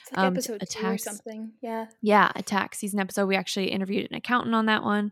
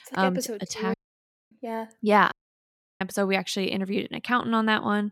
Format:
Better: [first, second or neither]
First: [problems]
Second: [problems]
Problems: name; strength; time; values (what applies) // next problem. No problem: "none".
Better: first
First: none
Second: audio cutting out; at 1 s for 0.5 s and at 2.5 s for 0.5 s